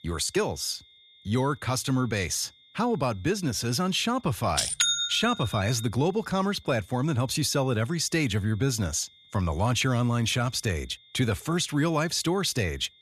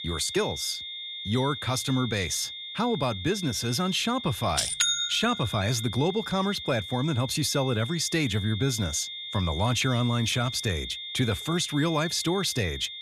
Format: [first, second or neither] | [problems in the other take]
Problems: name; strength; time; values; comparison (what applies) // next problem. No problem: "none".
first | high-pitched whine; loud; throughout; 3.5 kHz, 8 dB below the speech; faint in the first